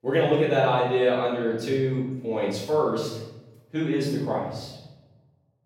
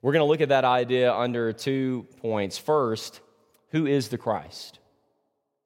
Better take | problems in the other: second | off-mic speech; far // room echo; noticeable; dies away in 1 s

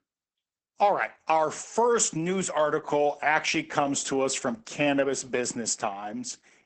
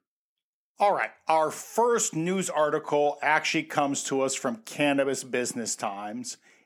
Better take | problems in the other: second | garbled, watery; badly; nothing above 8 kHz

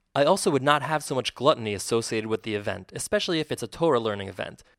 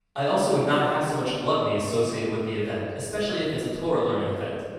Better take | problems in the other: first | room echo; strong; dies away in 1.9 s // off-mic speech; far

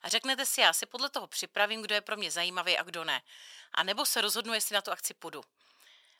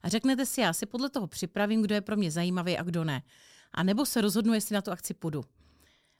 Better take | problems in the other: second | thin; very; fading below 850 Hz

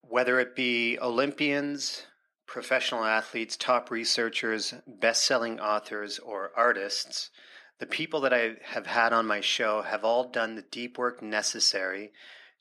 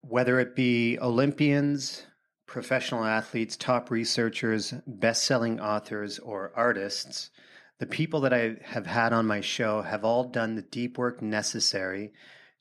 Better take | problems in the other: second | thin; somewhat; fading below 400 Hz

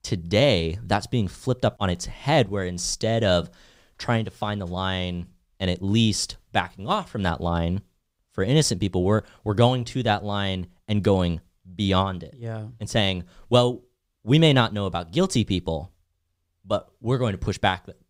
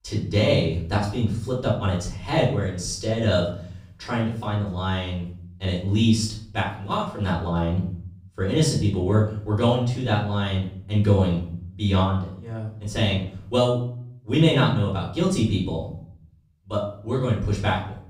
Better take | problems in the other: first | room echo; slight; dies away in 0.6 s // off-mic speech; far

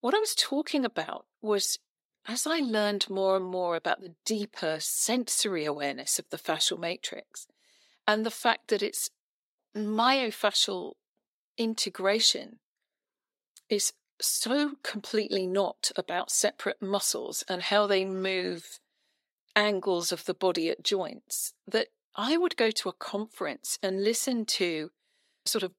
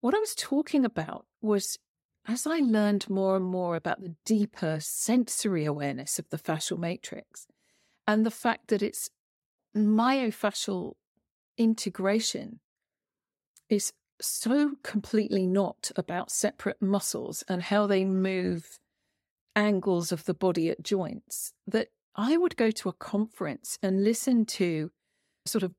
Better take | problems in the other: second | thin; somewhat; fading below 400 Hz

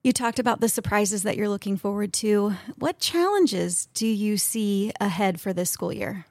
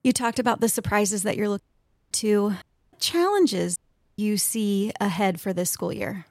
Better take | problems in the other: first | audio cutting out; at 1.5 s for 0.5 s, at 2.5 s and at 4 s

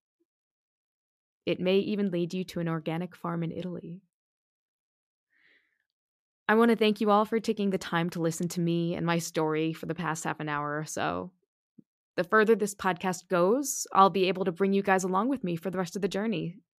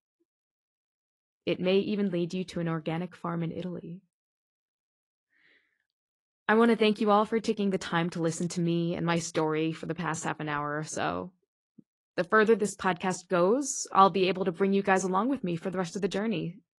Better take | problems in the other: first | garbled, watery; slightly; nothing above 11 kHz

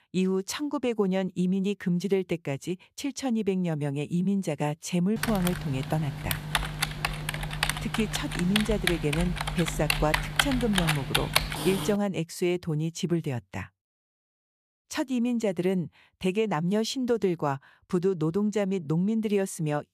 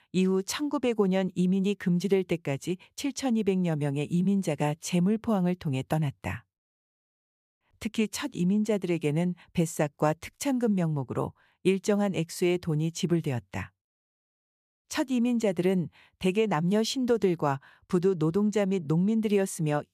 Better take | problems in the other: second | keyboard typing; loud; from 5 to 12 s; peak 3 dB above the speech

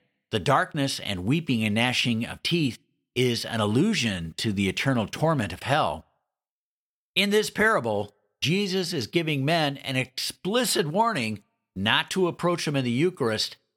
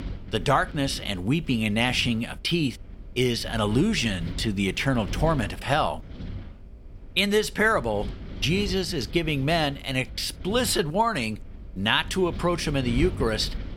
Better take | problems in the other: first | wind noise on the microphone; occasional gusts; 20 dB below the speech

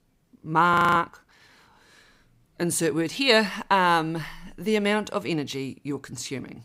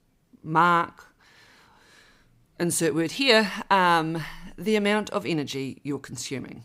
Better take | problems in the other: second | audio freezing; at 0.5 s

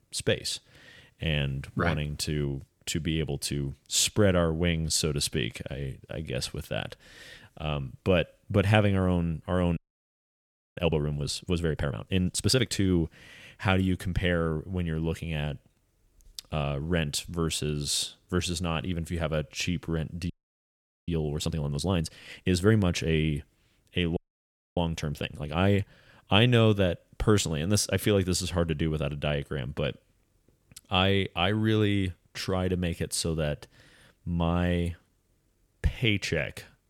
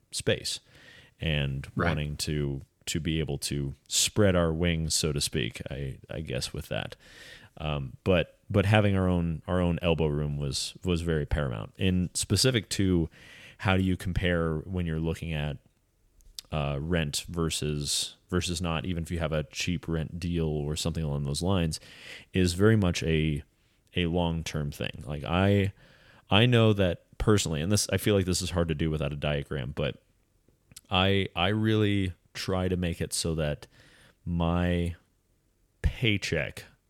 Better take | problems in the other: second | audio freezing; at 10 s for 1 s, at 20 s for 1 s and at 24 s for 0.5 s

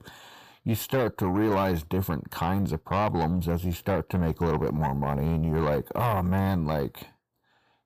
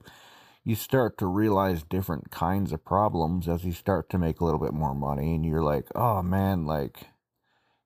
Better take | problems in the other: second | distortion; slight; 10 dB below the speech

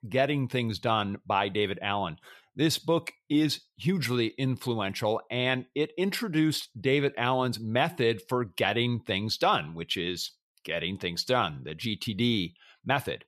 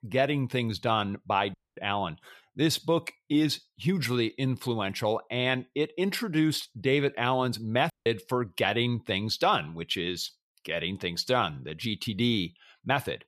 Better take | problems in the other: first | audio cutting out; at 1.5 s and at 8 s

